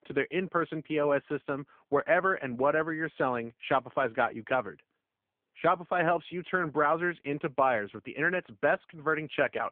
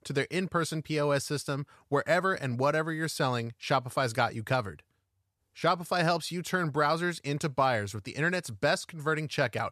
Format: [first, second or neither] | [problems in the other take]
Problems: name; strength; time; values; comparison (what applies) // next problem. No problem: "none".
second | phone-call audio; poor line